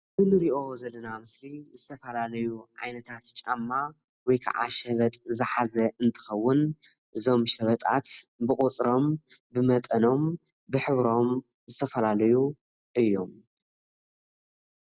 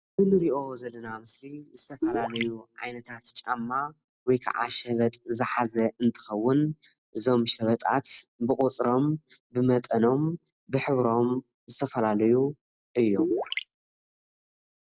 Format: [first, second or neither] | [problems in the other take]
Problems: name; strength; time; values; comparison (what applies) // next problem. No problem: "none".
first | noise reduction (neural separator model SepFormer DNS4)